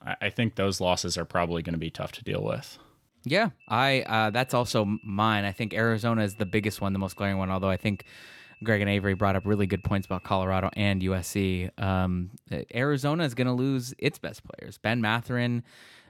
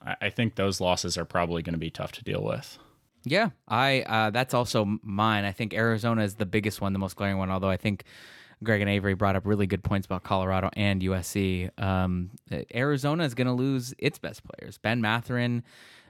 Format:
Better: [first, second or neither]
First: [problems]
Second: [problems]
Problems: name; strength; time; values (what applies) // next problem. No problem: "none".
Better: second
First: high-pitched whine; faint; from 3.5 to 12 s; 2.5 kHz, 25 dB below the speech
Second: none